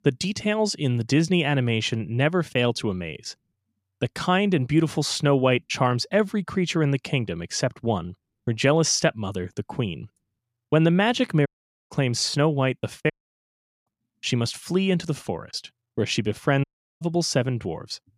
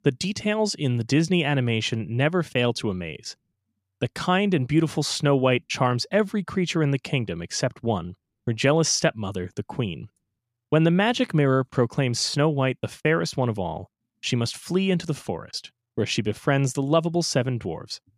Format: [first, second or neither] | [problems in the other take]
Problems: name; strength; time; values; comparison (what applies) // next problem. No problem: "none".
second | audio cutting out; at 11 s, at 13 s for 1 s and at 17 s